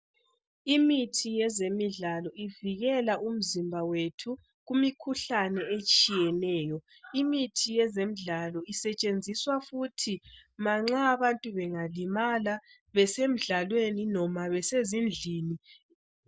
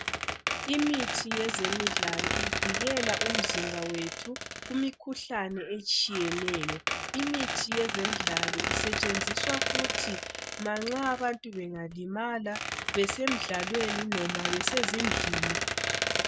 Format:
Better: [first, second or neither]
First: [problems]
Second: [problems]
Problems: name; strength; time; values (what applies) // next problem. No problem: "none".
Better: first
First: none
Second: background sound (Squeak); 1 dB above the speech